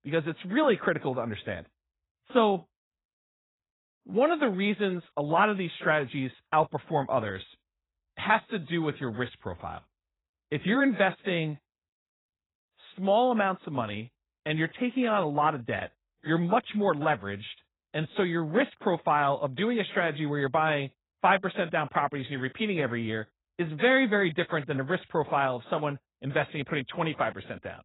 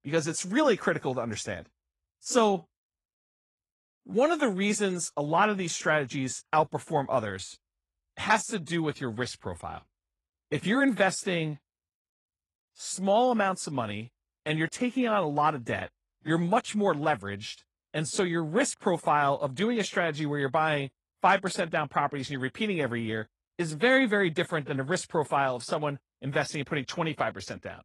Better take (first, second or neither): second